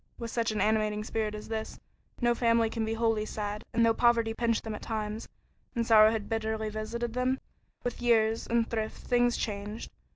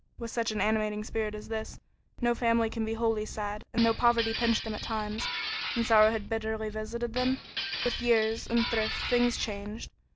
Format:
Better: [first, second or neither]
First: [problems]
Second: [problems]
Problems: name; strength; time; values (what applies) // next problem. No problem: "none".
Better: first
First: none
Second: background sound (Glass); 7 dB below the speech